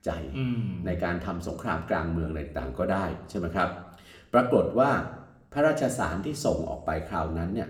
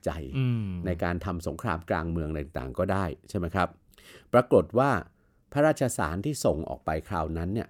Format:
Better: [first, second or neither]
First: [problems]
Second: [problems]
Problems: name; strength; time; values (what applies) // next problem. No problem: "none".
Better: second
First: room echo; slight; dies away in 0.7 s // off-mic speech; somewhat distant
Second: none